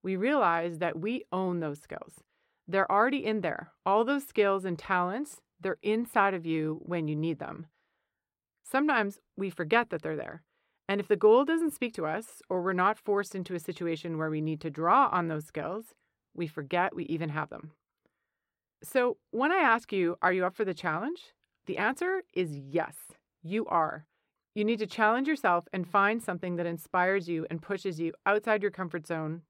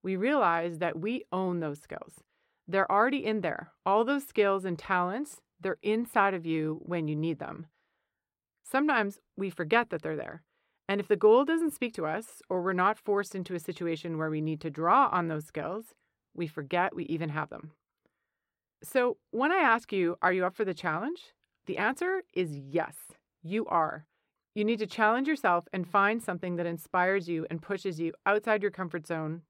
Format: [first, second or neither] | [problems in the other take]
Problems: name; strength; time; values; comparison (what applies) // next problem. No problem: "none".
neither | none